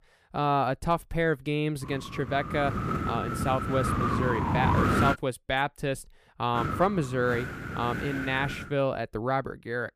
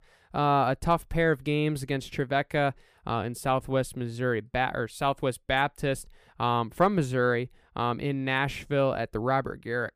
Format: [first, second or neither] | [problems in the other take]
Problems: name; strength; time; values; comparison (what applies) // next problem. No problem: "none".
second | wind noise on the microphone; heavy; from 2 to 5 s and from 6.5 to 8.5 s; 1 dB below the speech